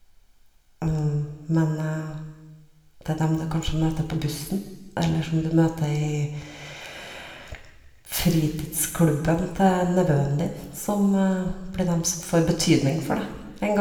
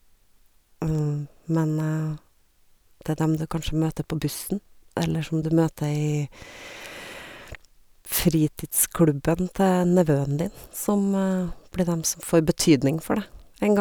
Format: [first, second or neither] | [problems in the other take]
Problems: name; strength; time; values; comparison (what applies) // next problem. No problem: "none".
second | room echo; dies away in 1.2 s